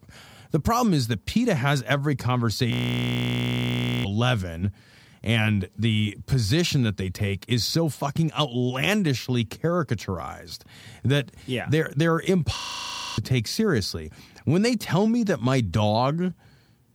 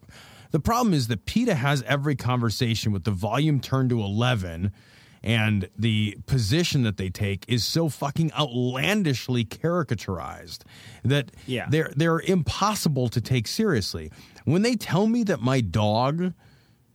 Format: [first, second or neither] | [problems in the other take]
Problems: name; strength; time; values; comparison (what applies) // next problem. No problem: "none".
second | audio freezing; at 2.5 s for 1.5 s and at 13 s for 0.5 s